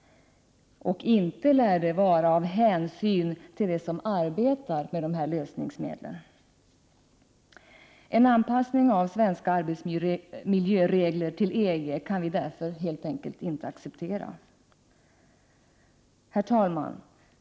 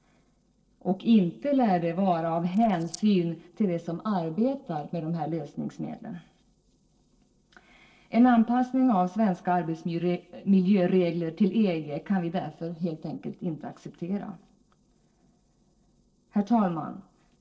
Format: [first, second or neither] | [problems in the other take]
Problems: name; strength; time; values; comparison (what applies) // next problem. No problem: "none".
first | noise reduction (neural separator model SepFormer DNS4)